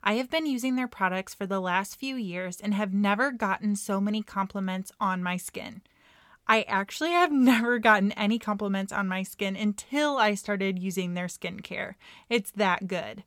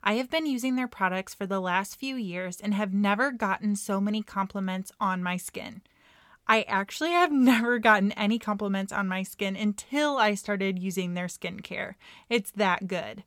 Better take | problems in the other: neither | none

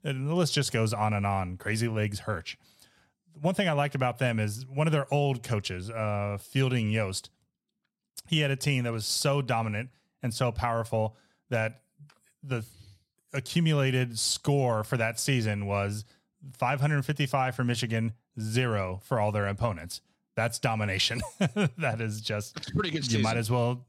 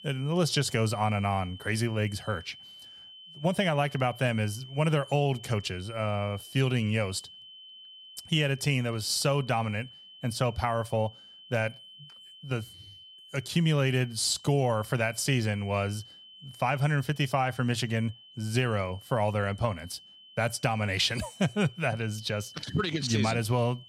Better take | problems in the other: first | high-pitched whine; noticeable; throughout; 3 kHz, 20 dB below the speech

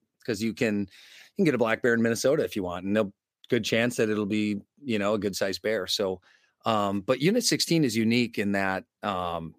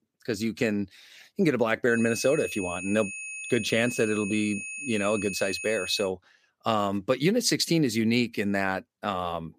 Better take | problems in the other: first | high-pitched whine; loud; from 2 to 6 s; 2.5 kHz, 8 dB below the speech

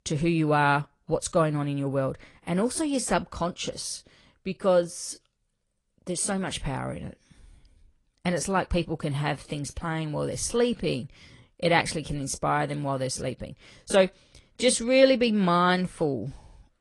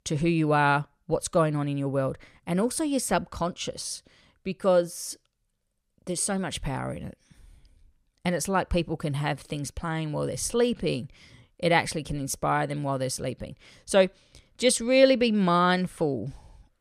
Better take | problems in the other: second | garbled, watery; slightly; nothing above 10 kHz

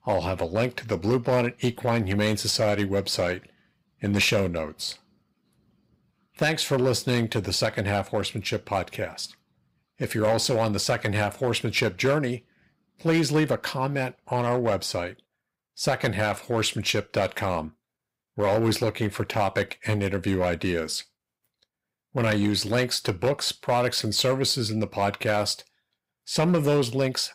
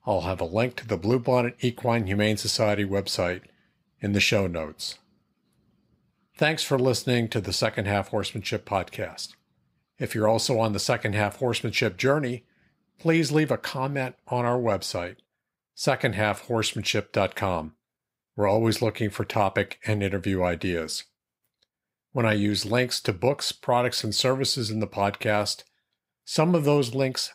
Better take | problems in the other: second | distortion; slight; 3% of the sound clipped

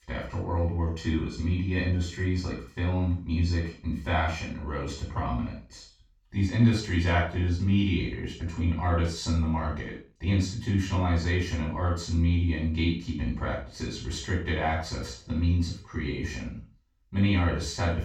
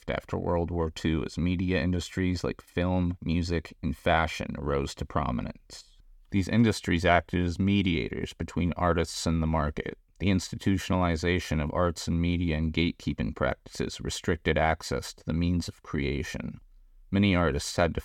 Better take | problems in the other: second | room echo; noticeable; dies away in 0.3 s // off-mic speech; far

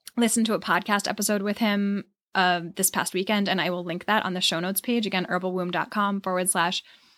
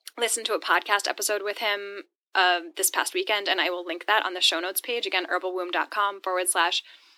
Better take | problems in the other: first | thin; very; fading below 300 Hz

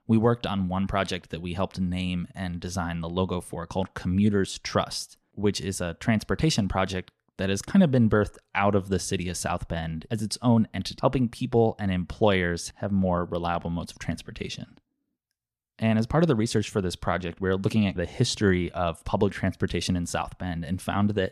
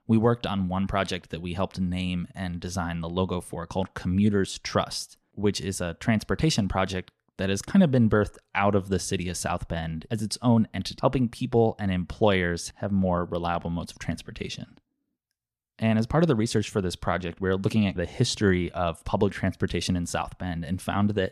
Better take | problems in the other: neither | none

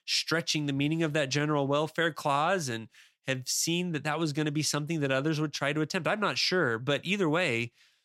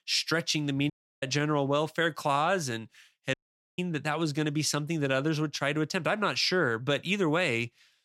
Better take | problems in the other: first | audio cutting out; at 1 s and at 3.5 s

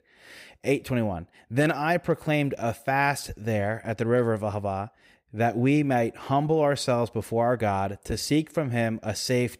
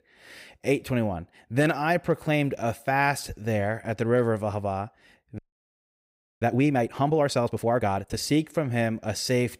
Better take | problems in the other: first | audio freezing; at 5.5 s for 1 s

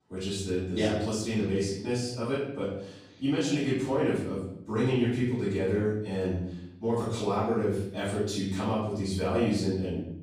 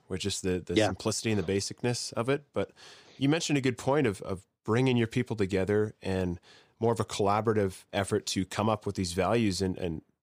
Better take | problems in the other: second | off-mic speech; far // room echo; noticeable; dies away in 0.8 s

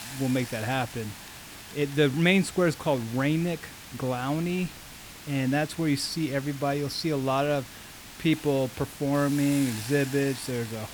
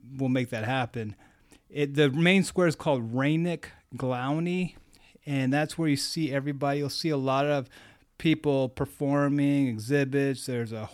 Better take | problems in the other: second | hiss; noticeable; throughout; 15 dB below the speech

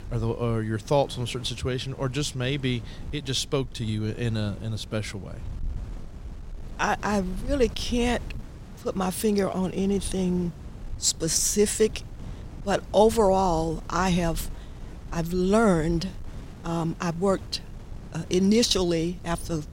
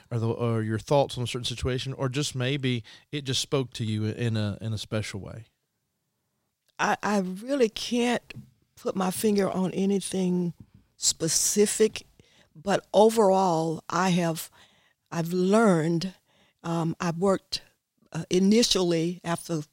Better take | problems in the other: second | wind noise on the microphone; occasional gusts; 25 dB below the speech

